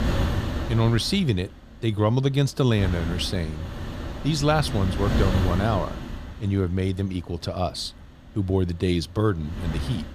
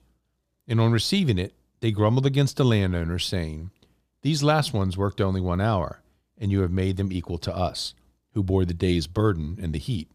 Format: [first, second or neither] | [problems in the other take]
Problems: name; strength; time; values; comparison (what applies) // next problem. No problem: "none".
second | wind noise on the microphone; heavy; 7 dB below the speech